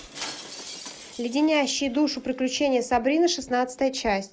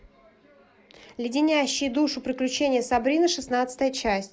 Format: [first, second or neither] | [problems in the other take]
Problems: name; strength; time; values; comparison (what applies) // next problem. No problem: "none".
second | background sound (Shatter); 18 dB below the speech